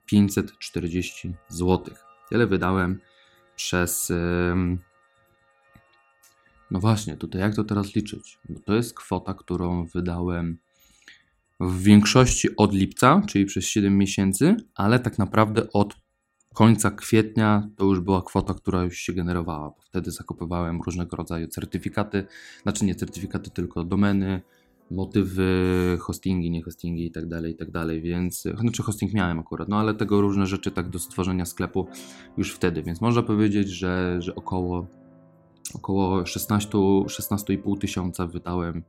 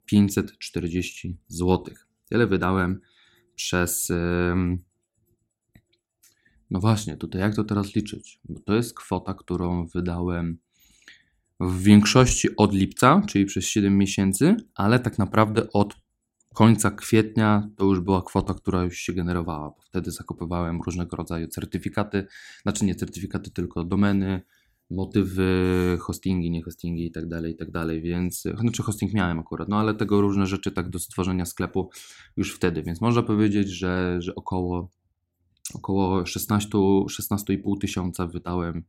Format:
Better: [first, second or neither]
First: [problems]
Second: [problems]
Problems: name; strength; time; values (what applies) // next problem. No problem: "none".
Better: second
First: background music; faint; throughout; 30 dB below the speech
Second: none